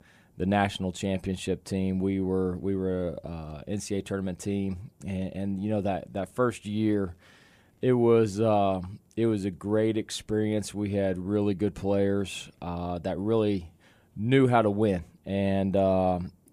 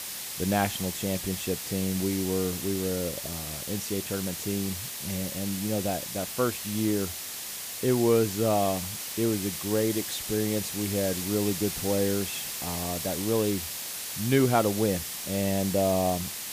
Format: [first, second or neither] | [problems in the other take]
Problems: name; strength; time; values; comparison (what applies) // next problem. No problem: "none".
first | hiss; loud; throughout; 4 dB below the speech